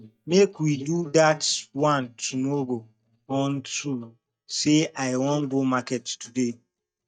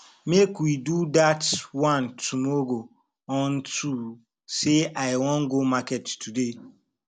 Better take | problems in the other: second | noise reduction (neural mask model DeepFilterNet 3)

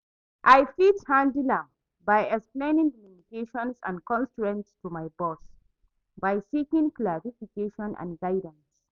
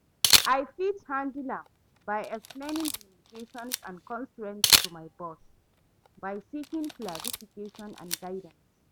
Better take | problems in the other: first | background sound (Camera); 5 dB above the speech

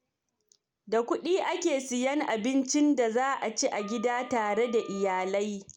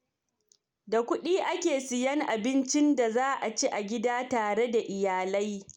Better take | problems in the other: second | background sound (Wind instrument, woodwind instrument); 18 dB below the speech

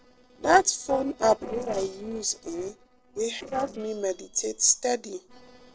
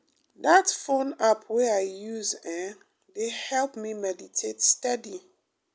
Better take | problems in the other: second | noise reduction (neural separator model SepFormer DNS4)

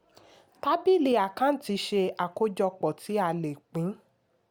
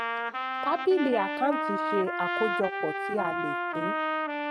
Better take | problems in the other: first | noise reduction (neural mask model RNNoise)

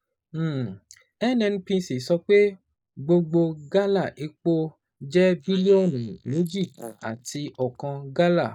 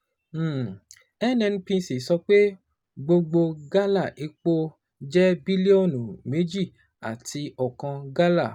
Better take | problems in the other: second | noise reduction (neural mask model Resemble Enhance denoiser)

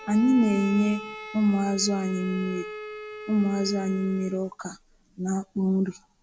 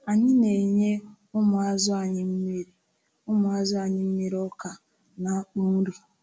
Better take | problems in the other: second | background sound (Bowed string instrument); 14 dB below the speech

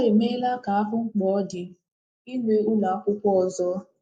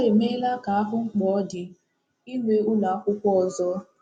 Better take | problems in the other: second | noise reduction (neural mask model Resemble Enhance denoiser)

